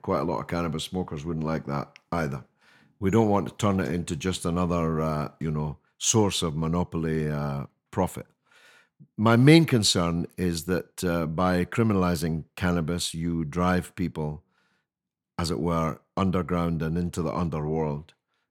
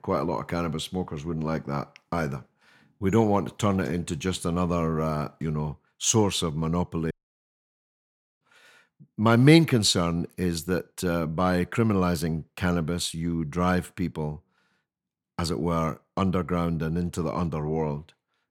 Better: first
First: none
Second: audio cutting out; at 7 s for 1.5 s

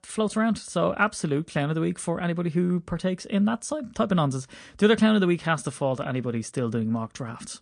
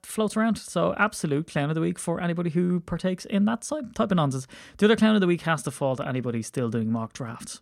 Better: second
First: garbled, watery; slightly; nothing above 9 kHz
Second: none

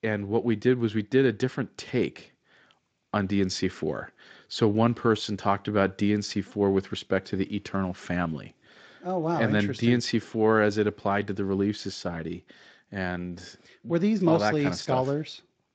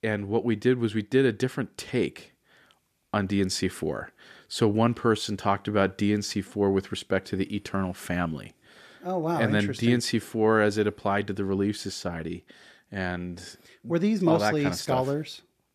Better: second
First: garbled, watery; slightly; nothing above 7.5 kHz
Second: none

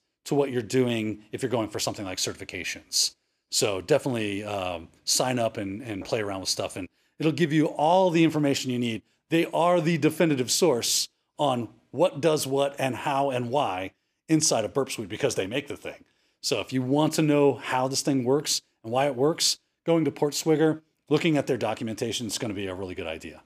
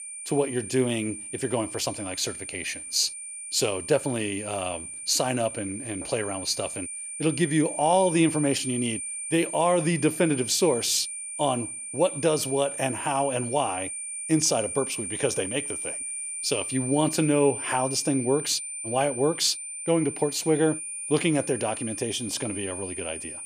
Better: first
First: none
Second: high-pitched whine; loud; throughout; 9 kHz, 6 dB below the speech

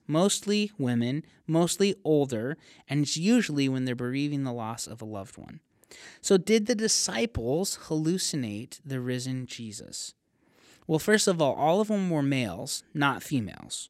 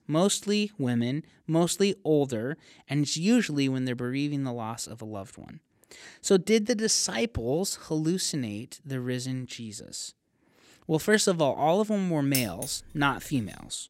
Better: first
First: none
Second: jangling keys; noticeable; at 12 s; peak 3 dB below the speech

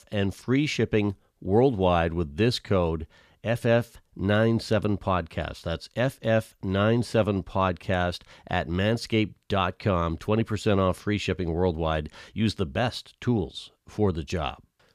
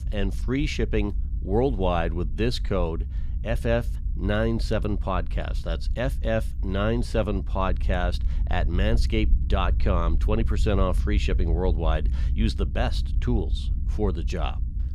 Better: first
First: none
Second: low rumble; noticeable; throughout; 20 dB below the speech

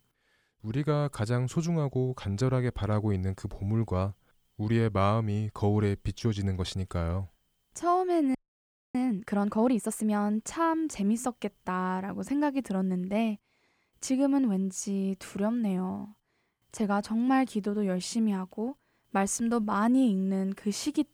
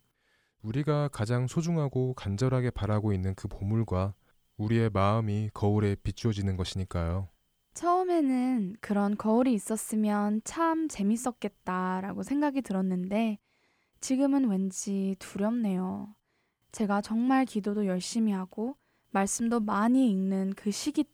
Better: second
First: audio freezing; at 8.5 s for 0.5 s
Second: none

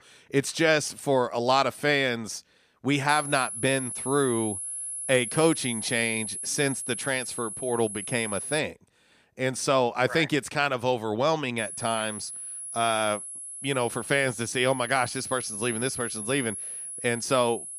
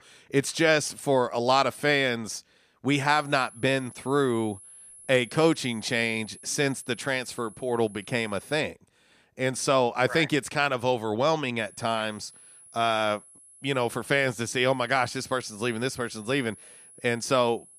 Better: second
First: high-pitched whine; loud; from 3 to 8.5 s and from 12 s on; 11 kHz, 7 dB below the speech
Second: high-pitched whine; faint; from 3 to 8.5 s and from 12 s on; 11 kHz, 20 dB below the speech

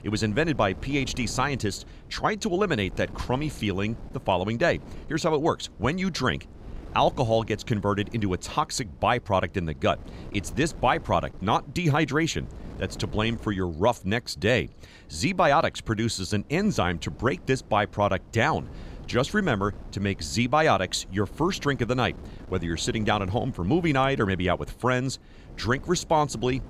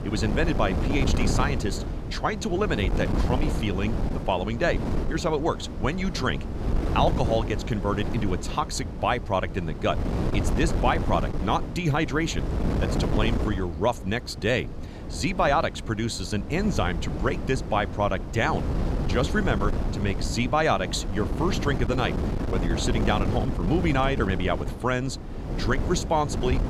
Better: first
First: wind noise on the microphone; occasional gusts; 25 dB below the speech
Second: wind noise on the microphone; heavy; 9 dB below the speech

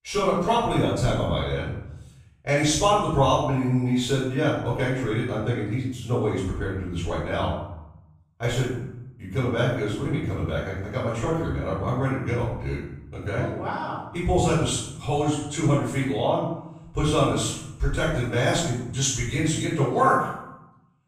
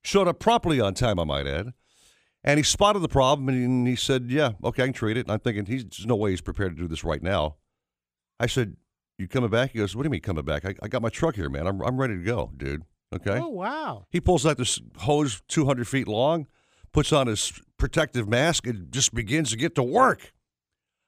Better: second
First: off-mic speech; far // room echo; noticeable; dies away in 0.7 s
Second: none

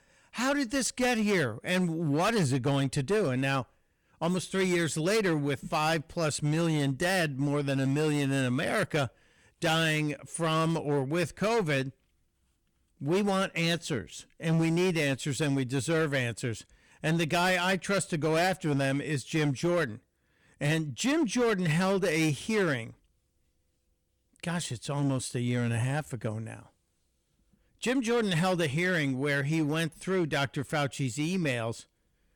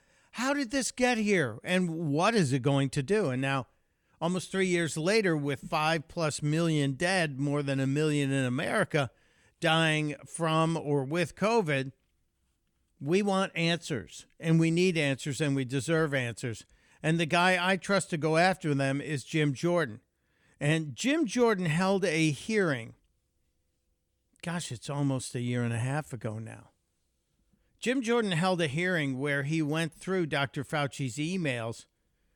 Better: second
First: distortion; slight; 10% of the sound clipped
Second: none

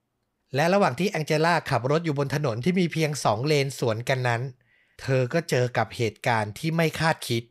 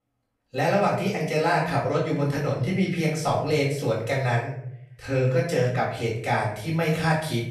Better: first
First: none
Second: off-mic speech; far // room echo; noticeable; dies away in 0.6 s

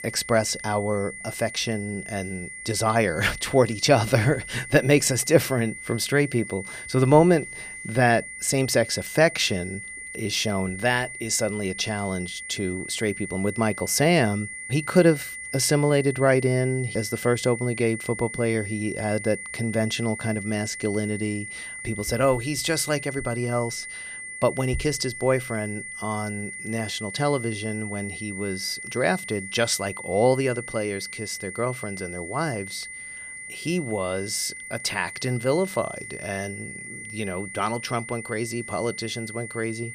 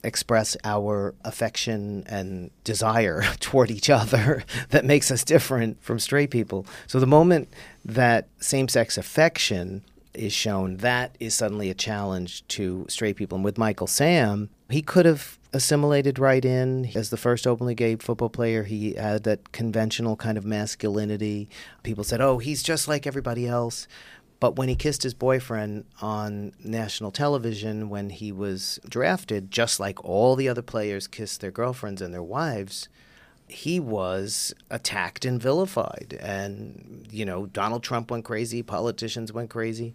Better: second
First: high-pitched whine; noticeable; throughout; 2 kHz, 10 dB below the speech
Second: none

